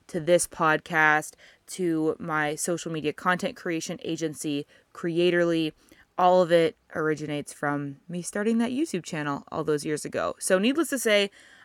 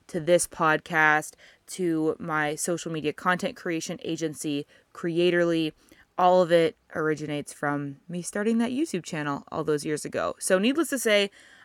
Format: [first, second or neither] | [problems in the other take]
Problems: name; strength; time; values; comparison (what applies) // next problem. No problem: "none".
neither | none